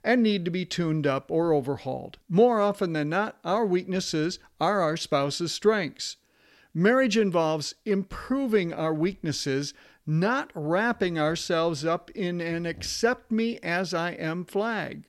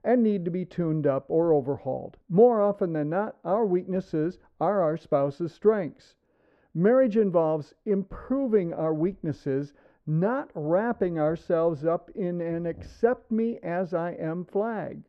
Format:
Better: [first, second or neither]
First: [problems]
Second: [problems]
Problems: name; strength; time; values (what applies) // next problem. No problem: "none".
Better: first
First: none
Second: muffled; very; fading above 2 kHz